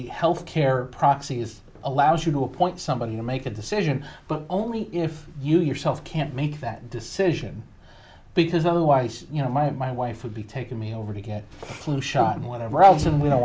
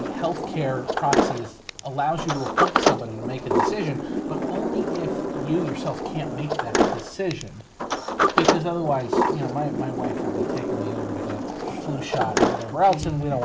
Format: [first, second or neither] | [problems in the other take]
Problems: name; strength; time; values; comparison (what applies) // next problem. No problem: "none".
first | background sound (Sliding door); 3 dB above the speech